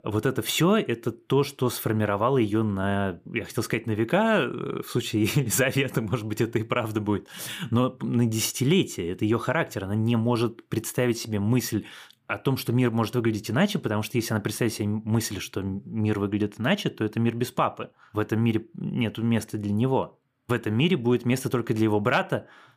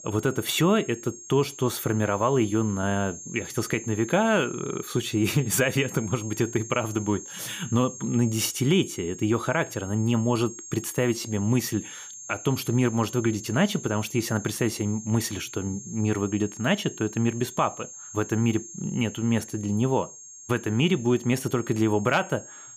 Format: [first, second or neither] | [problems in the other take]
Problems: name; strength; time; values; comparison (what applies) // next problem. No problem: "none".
first | high-pitched whine; noticeable; throughout; 6.5 kHz, 15 dB below the speech